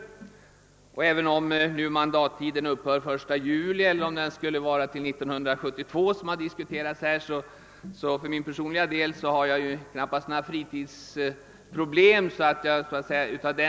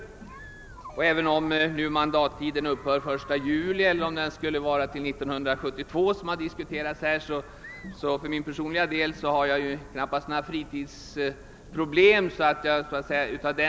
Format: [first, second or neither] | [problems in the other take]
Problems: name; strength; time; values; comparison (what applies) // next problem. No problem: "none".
first | background sound (Chatter); 19 dB below the speech